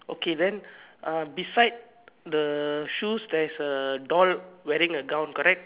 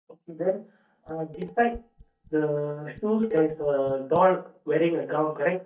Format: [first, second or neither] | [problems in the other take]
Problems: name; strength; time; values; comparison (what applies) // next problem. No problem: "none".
first | noise reduction (neural mask model DeepFilterNet 3)